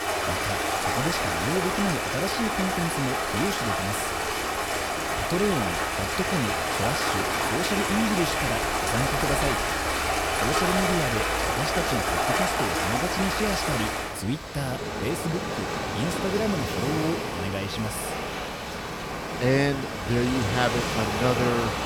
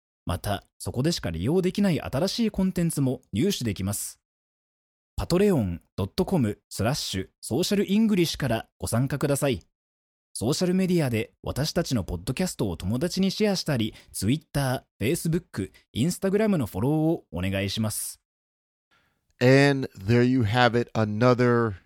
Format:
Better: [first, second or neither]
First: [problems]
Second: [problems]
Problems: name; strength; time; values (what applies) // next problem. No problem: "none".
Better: second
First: rain or running water; very loud; throughout; 3 dB above the speech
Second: none